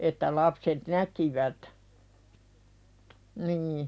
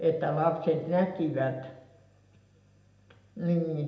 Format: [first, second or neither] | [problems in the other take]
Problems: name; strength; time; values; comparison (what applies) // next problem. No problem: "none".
first | room echo; dies away in 0.7 s